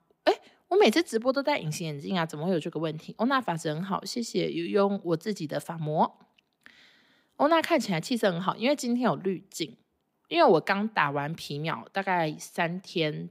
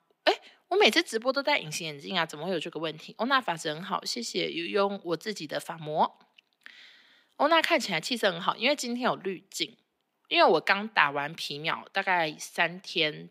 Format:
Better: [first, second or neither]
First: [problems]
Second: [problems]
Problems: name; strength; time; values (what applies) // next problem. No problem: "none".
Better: first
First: none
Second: thin; very slightly; fading below 400 Hz